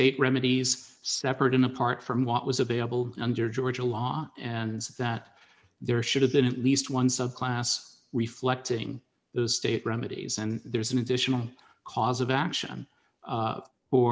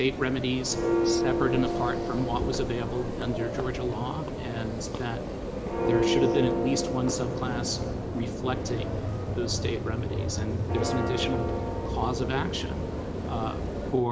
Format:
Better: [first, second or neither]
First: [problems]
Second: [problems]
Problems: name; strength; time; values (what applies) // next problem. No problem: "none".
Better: first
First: none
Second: background sound (Church bell); 2 dB above the speech